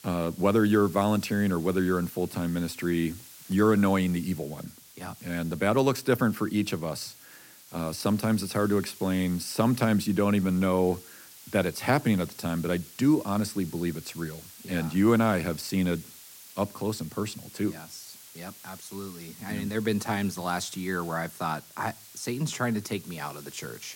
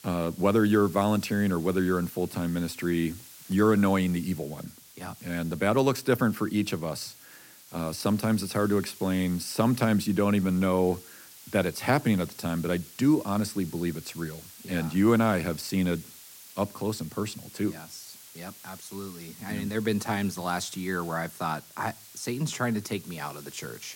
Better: neither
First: hiss; noticeable; throughout; 20 dB below the speech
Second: hiss; noticeable; throughout; 20 dB below the speech

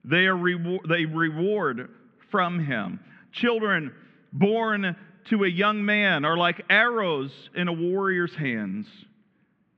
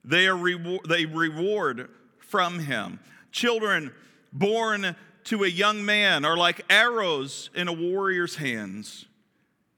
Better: second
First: muffled; very; fading above 3 kHz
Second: none

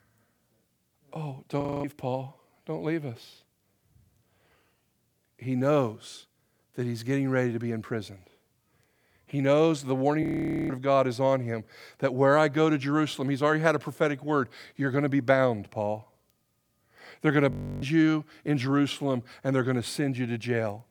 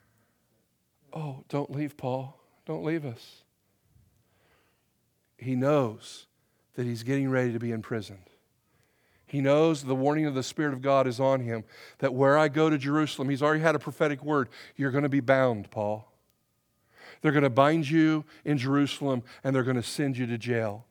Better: second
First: audio freezing; at 1.5 s, at 10 s and at 18 s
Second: none

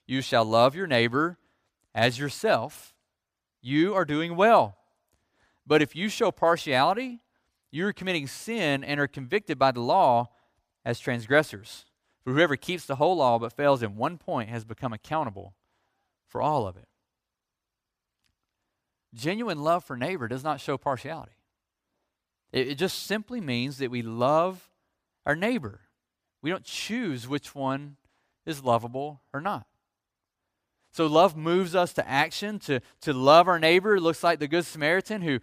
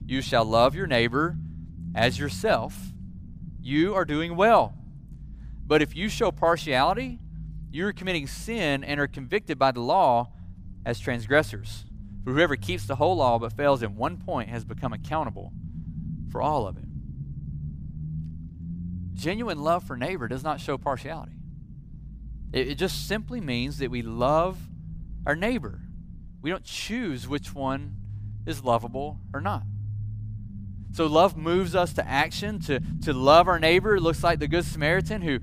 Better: first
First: none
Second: low rumble; faint; throughout; 25 dB below the speech

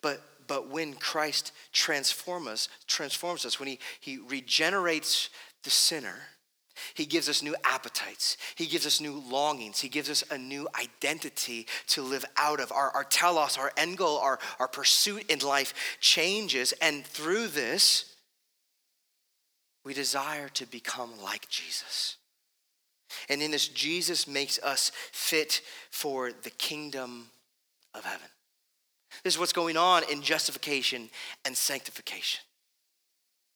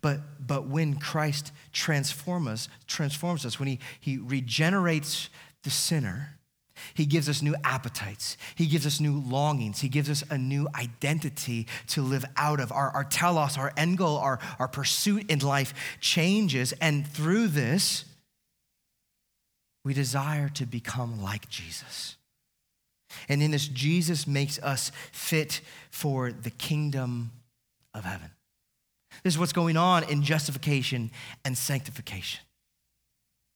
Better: second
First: thin; very; fading below 350 Hz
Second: none

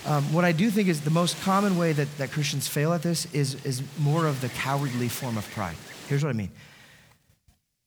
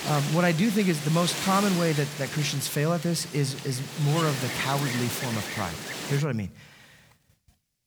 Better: first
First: wind noise on the microphone; occasional gusts; until 6 s; 15 dB below the speech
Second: wind noise on the microphone; heavy; until 6 s; 4 dB below the speech

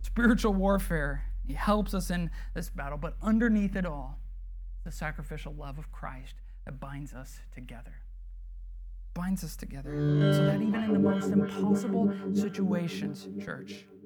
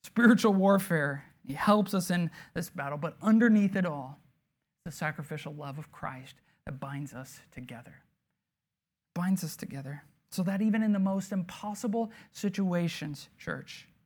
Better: second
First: background music; very loud; throughout; as loud as the speech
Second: none

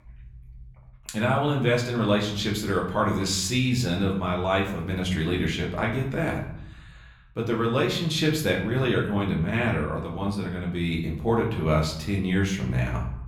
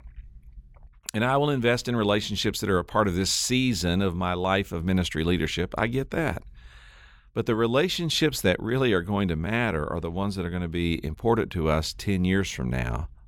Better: second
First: room echo; slight; dies away in 0.6 s // off-mic speech; far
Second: none

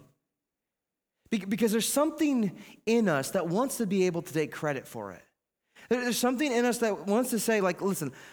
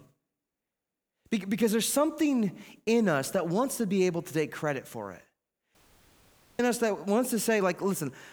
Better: first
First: none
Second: audio cutting out; at 6 s for 1 s

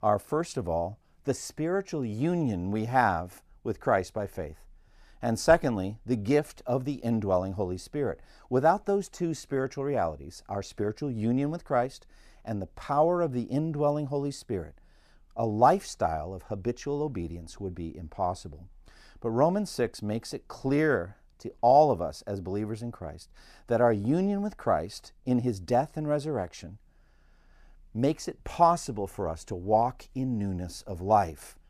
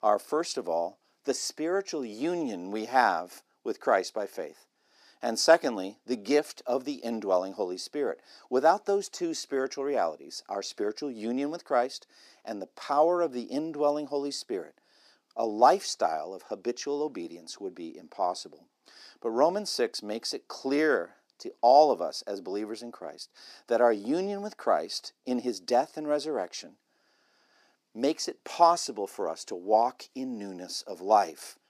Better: first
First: none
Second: thin; very slightly; fading below 250 Hz

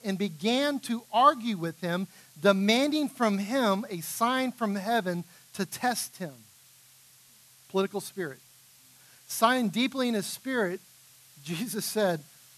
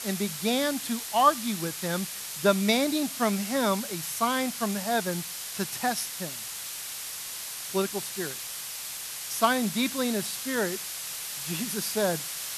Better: first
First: hiss; faint; throughout; 25 dB below the speech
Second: hiss; loud; throughout; 5 dB below the speech

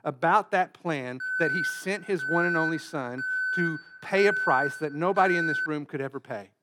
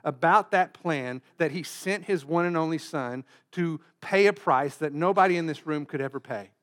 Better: second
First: alarm; loud; from 1 to 5.5 s; peak 1 dB above the speech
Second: none

